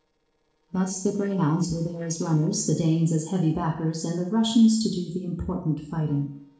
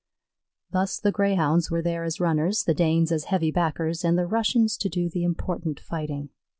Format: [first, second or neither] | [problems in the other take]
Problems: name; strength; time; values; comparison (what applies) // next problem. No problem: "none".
second | noise reduction (neural separator model SepFormer DNS4)